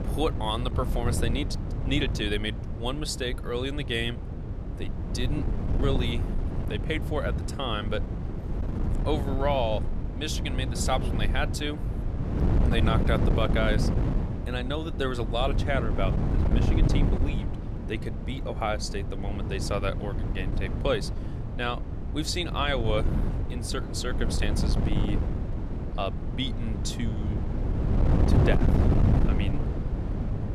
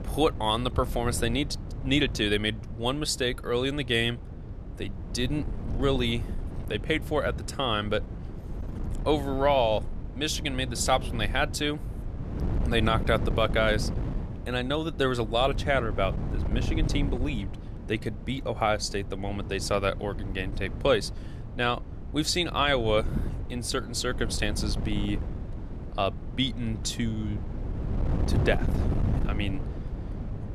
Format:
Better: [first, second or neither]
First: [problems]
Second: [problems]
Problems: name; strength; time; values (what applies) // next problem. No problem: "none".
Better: second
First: wind noise on the microphone; heavy; 6 dB below the speech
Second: wind noise on the microphone; occasional gusts; 15 dB below the speech